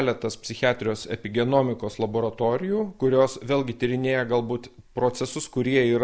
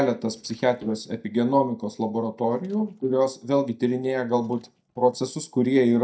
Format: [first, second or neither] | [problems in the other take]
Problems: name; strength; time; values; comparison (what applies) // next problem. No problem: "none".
first | noise reduction (neural mask model DeepFilterNet 3)